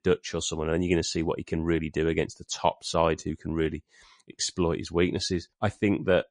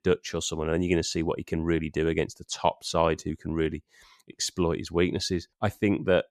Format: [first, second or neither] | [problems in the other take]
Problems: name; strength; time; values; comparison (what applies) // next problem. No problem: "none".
second | garbled, watery; slightly